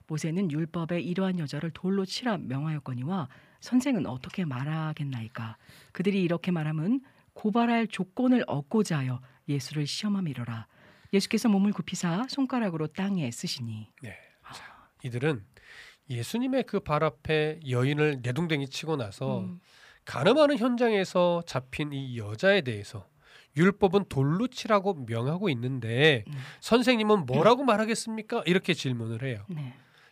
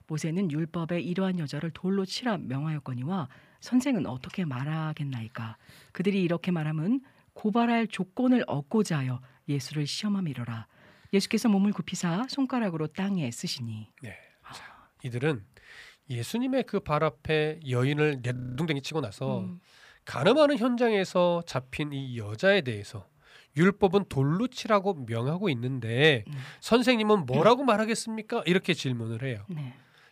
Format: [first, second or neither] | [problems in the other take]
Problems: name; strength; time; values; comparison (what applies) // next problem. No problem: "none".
first | audio freezing; at 18 s